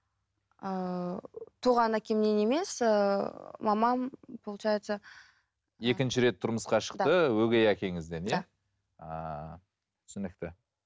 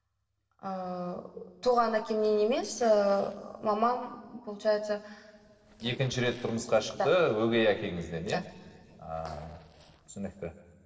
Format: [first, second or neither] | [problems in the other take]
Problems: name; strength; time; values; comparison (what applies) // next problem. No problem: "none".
first | noise reduction (neural separator model SepFormer DNS4)